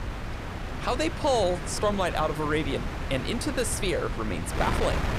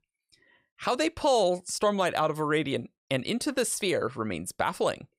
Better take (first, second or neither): second